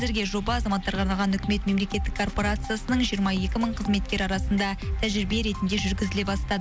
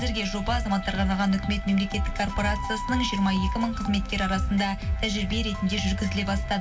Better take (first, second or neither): first